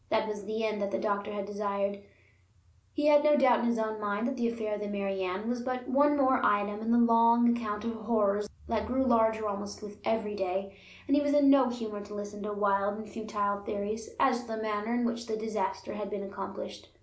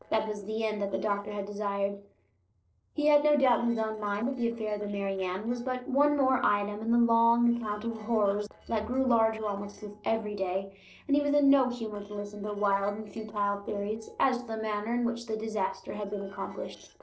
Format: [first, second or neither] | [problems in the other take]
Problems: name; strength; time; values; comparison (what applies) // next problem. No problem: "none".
first | noise reduction (neural separator model SepFormer DNS4)